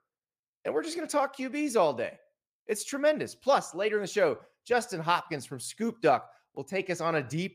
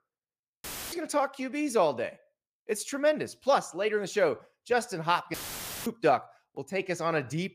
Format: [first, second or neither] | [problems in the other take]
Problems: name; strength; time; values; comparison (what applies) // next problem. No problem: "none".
first | audio cutting out; filled with static; at 0.5 s and at 5.5 s for 0.5 s